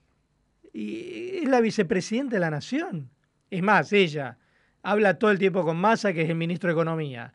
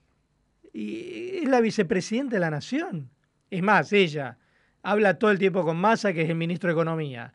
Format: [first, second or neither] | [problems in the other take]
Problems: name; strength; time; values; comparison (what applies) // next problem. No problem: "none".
neither | none